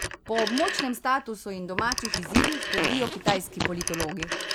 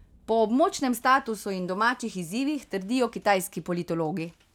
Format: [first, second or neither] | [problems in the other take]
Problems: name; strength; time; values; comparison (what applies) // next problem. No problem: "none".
second | background sound (Fart + Telephone); as loud as the speech